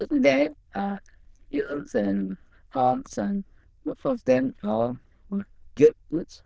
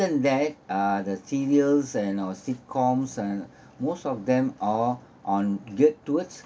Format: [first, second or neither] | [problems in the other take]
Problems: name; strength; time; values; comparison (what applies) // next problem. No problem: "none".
second | noise reduction (neural diffusion model UNIVERSE++)